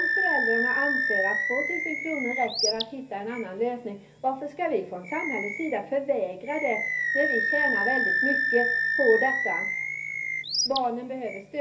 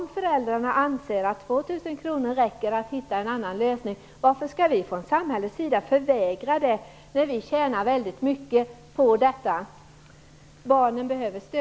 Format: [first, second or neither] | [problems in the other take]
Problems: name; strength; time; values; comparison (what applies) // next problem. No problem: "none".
second | background sound (Animal); 1 dB above the speech // room echo; dies away in 0.3 s